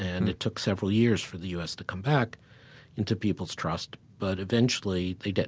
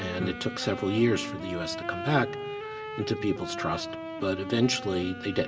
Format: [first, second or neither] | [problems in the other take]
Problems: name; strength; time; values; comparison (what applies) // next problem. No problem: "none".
first | background sound (Wind instrument, woodwind instrument); 8 dB below the speech // room echo; dies away in 0.6 s